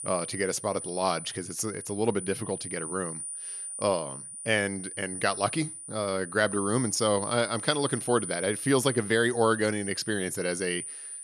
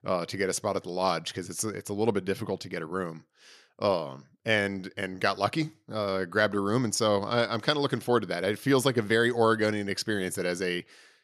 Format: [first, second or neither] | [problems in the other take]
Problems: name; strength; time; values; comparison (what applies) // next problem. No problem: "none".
second | high-pitched whine; loud; throughout; 9.5 kHz, 7 dB below the speech